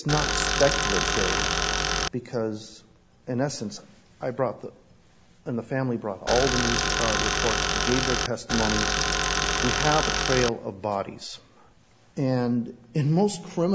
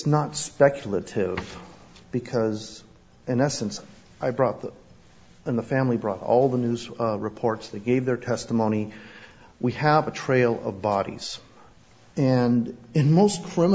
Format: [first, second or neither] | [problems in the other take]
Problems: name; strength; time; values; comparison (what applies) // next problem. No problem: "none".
second | background sound (Tools); 3 dB above the speech